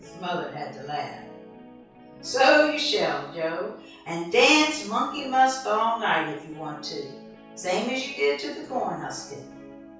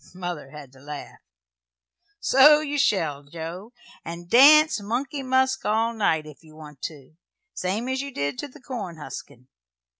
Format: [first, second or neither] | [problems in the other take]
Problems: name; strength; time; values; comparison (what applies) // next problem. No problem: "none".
second | background sound (Guitar); 19 dB below the speech // room echo; dies away in 0.6 s